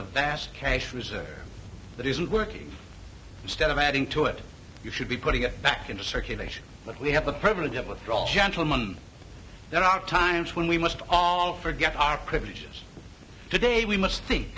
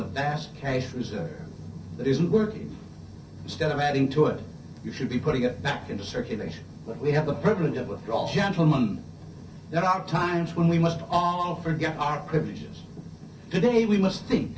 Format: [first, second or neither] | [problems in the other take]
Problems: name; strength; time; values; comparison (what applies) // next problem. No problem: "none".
first | room echo; dies away in 0.3 s